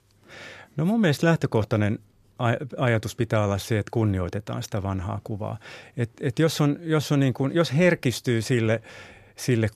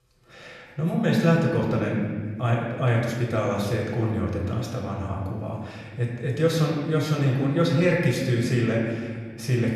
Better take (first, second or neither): first